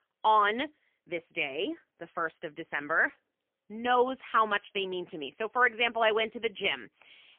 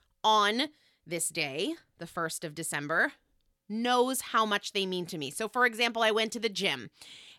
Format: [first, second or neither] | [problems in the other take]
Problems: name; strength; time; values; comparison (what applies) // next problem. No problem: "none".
second | phone-call audio; poor line; nothing above 3.5 kHz